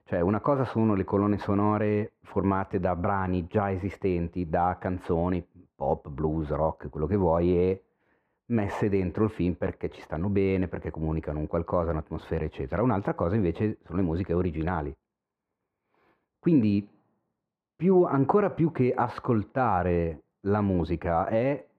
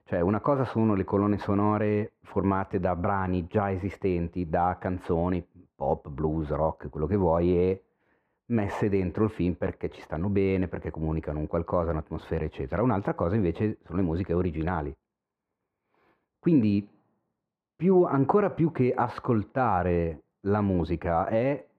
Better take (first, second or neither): neither